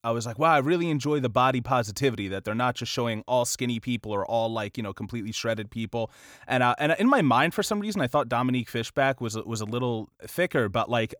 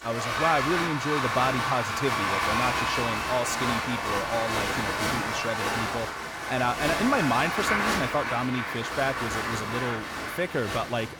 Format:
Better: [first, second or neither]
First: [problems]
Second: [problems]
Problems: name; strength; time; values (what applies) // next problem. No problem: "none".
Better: first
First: none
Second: crowd noise; very loud; throughout; 1 dB above the speech